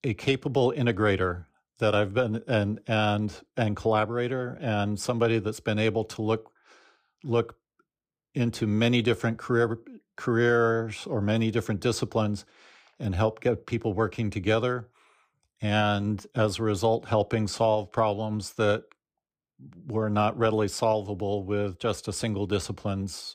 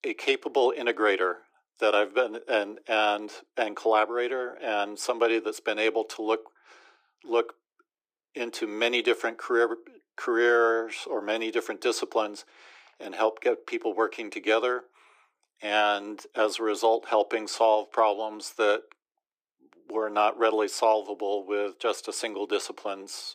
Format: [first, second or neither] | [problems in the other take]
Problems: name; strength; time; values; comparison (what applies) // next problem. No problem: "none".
first | thin; very; fading below 350 Hz